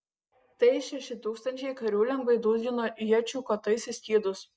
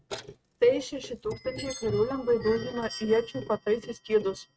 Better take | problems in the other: first | noise reduction (neural mask model RNNoise)

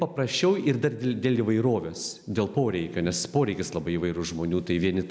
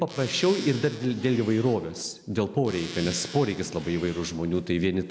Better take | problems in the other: first | background sound (Zipper (clothing)); 15 dB below the speech

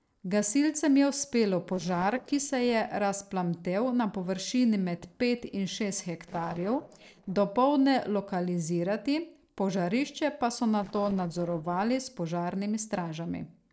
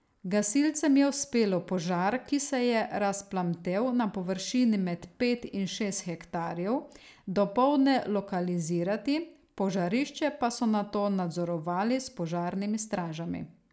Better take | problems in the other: second | noise reduction (neural separator model SepFormer DNS4)

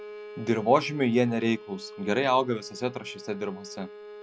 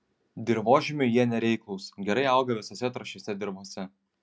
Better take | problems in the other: second | background sound (Bowed string instrument); 16 dB below the speech

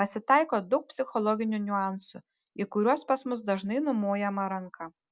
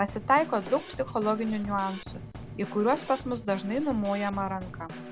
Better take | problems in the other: first | background sound (Snare drum / Drum kit); 12 dB below the speech

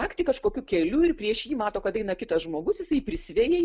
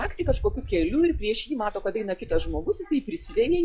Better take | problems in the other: first | noise reduction (classical method log-MMSE)

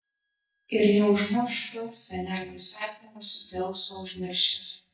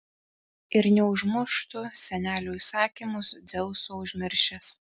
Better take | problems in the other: second | noise reduction (neural mask model DeepFilterNet 3)

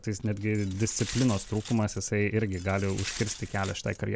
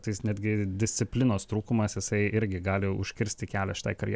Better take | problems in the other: second | background sound (Glass); 14 dB below the speech

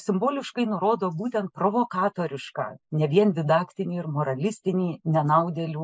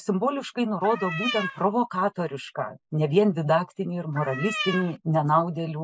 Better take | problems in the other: first | background sound (Cat); 7 dB below the speech

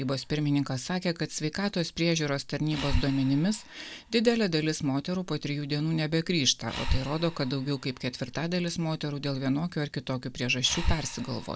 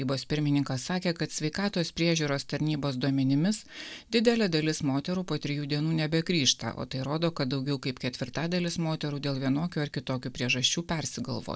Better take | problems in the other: second | background sound (Breathing); 8 dB below the speech

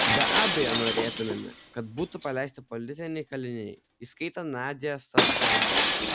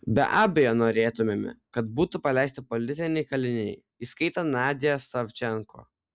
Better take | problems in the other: second | background sound (Shatter); 4 dB above the speech

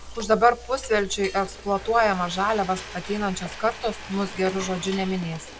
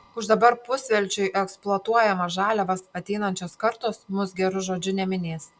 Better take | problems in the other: second | background sound (Frying (food)); 13 dB below the speech

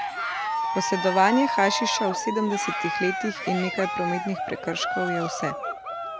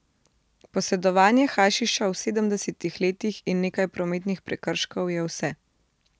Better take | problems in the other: second | background sound (Cheering); 2 dB below the speech

